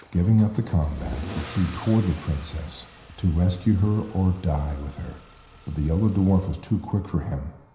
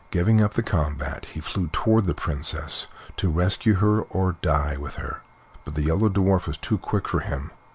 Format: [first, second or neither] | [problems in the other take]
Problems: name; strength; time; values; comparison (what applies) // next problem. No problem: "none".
second | background sound (Engine starting / Accelerating, revving, vroom / Car); 18 dB below the speech // room echo; dies away in 0.9 s